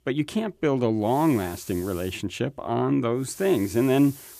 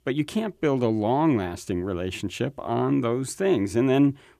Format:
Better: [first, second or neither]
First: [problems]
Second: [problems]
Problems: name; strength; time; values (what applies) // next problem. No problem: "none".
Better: second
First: hiss; noticeable; from 1 to 2 s and from 3.5 s on; 20 dB below the speech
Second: none